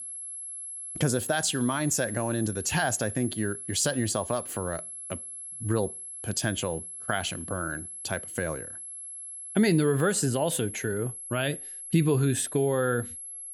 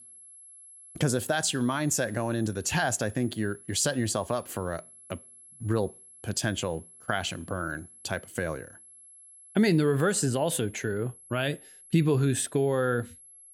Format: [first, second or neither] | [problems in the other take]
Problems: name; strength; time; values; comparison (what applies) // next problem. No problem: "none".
second | high-pitched whine; loud; throughout; 11 kHz, 9 dB below the speech; faint in the second